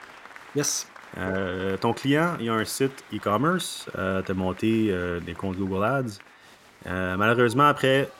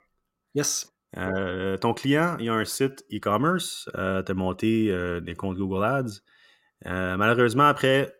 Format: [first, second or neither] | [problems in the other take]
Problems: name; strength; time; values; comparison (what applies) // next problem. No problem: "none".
second | crowd noise; faint; throughout; 20 dB below the speech